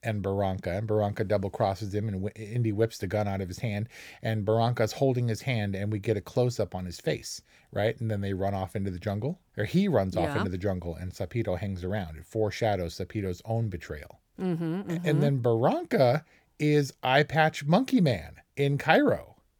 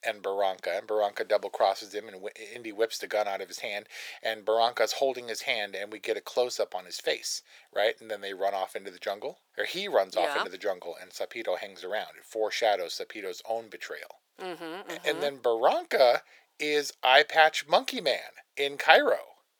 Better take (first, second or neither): first